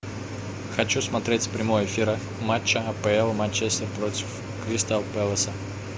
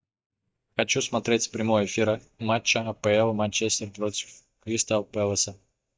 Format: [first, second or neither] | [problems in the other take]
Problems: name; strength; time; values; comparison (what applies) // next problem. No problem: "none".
first | noise reduction (neural mask model DeepFilterNet 3)